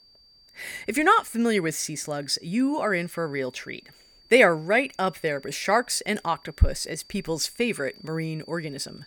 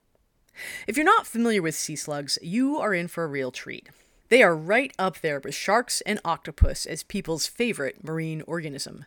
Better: second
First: high-pitched whine; faint; throughout; 4.5 kHz, 25 dB below the speech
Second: none

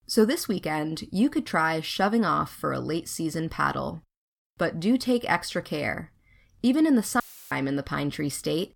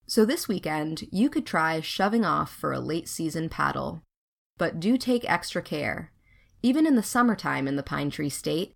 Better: second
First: audio cutting out; filled with static; at 7 s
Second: none

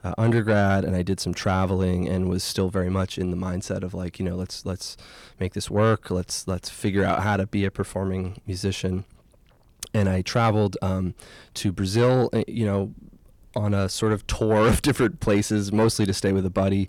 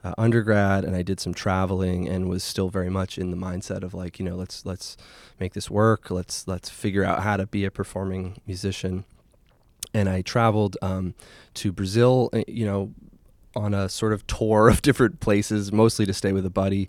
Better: second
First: distortion; slight; 10 dB below the speech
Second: none

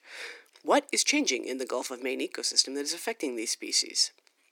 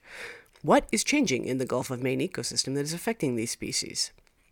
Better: second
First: thin; very slightly; fading below 300 Hz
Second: none

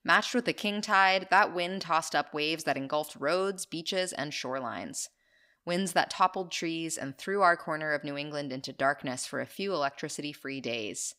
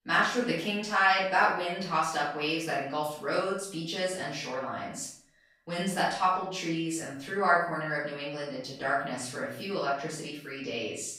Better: first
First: none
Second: off-mic speech; far // room echo; noticeable; dies away in 0.5 s

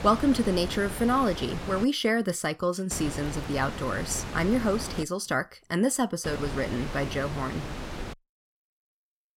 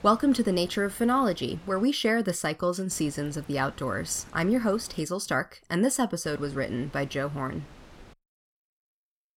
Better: second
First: wind noise on the microphone; heavy; until 2 s, from 3 to 5 s and from 6 to 8 s; 10 dB below the speech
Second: wind noise on the microphone; occasional gusts; until 2 s, from 3 to 5 s and from 6 to 8 s; 25 dB below the speech

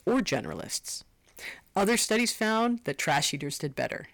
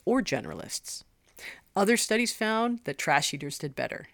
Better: second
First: distortion; slight; 5% of the sound clipped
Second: none

